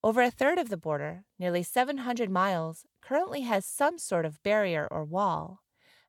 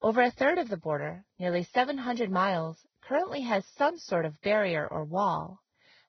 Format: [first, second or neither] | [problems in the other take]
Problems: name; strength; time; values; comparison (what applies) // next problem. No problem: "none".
first | garbled, watery; badly; nothing above 6 kHz